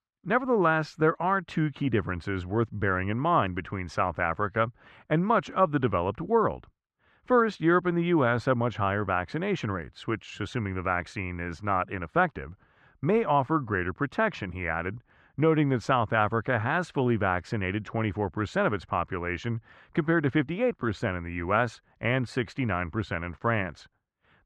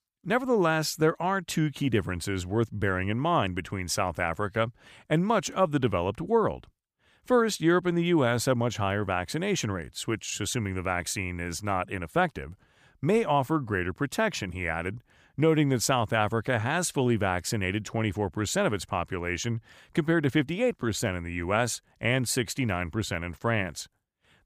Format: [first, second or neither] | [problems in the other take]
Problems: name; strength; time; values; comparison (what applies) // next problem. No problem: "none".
second | muffled; very; fading above 2.5 kHz